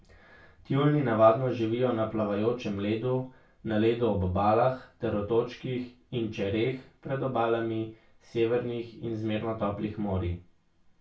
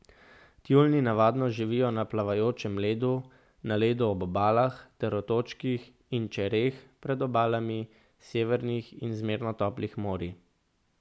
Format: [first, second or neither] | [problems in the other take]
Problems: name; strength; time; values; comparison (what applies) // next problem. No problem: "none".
second | room echo; dies away in 0.2 s